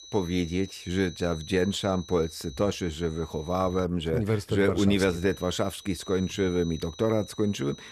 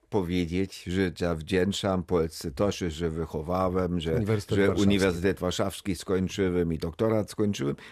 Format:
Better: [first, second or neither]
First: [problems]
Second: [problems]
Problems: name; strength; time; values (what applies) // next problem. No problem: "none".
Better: second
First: high-pitched whine; noticeable; until 4 s and from 5 s on; 4 kHz, 20 dB below the speech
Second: none